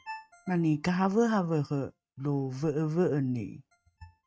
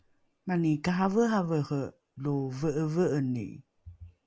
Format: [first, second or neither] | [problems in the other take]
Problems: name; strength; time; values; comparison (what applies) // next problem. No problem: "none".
second | noise reduction (neural mask model RNNoise)